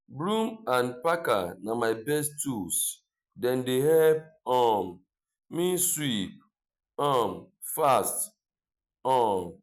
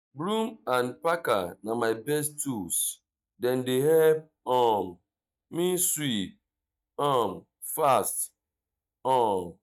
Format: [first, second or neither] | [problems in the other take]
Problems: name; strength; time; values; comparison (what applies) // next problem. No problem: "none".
first | noise reduction (neural mask model DeepFilterNet 3)